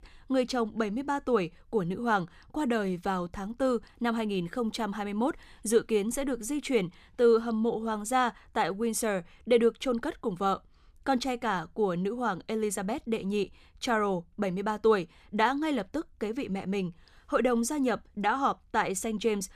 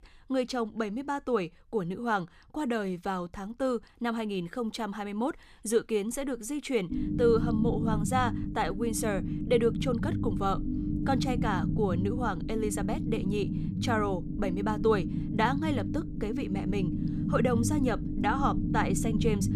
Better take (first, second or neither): first